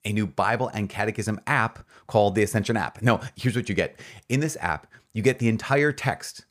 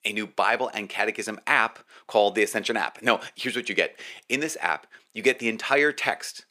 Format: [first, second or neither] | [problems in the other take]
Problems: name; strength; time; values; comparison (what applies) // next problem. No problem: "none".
first | thin; somewhat; fading below 300 Hz